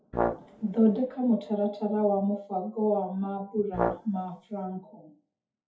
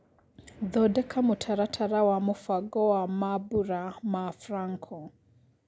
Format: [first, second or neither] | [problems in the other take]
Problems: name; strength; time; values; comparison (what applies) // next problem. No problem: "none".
second | noise reduction (classical method WPE with log-MMSE)